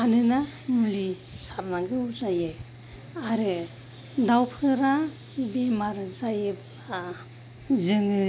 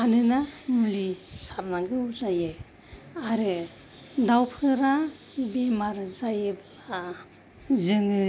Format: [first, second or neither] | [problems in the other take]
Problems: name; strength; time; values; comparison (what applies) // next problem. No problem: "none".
second | background sound (Mechanical fan); 20 dB below the speech